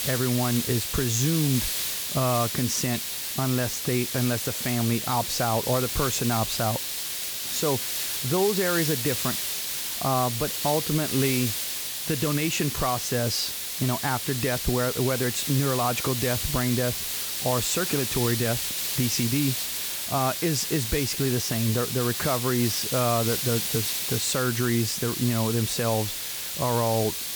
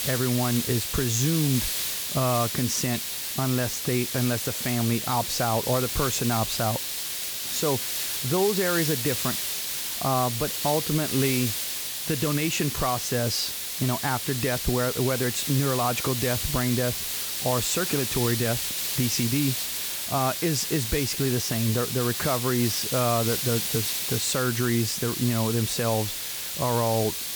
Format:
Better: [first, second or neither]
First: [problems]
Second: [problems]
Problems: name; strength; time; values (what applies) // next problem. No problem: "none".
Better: neither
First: hiss; loud; throughout; 1 dB below the speech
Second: hiss; loud; throughout; 1 dB below the speech